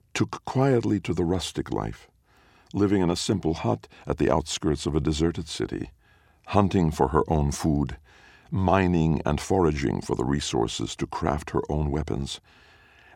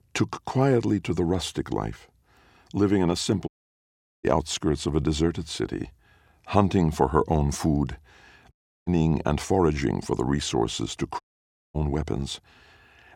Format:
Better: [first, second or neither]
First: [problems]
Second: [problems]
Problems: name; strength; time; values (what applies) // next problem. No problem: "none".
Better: first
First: none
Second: audio cutting out; at 3.5 s for 1 s, at 8.5 s and at 11 s for 0.5 s